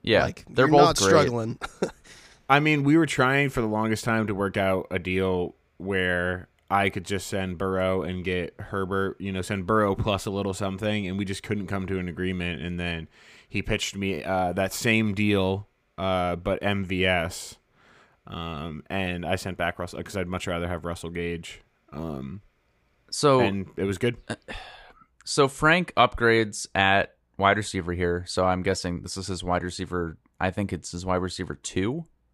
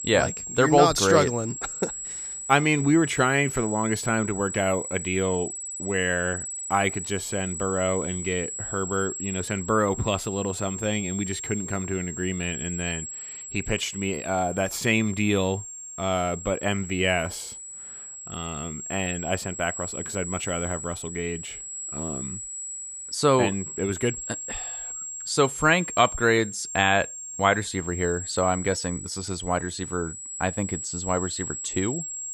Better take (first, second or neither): first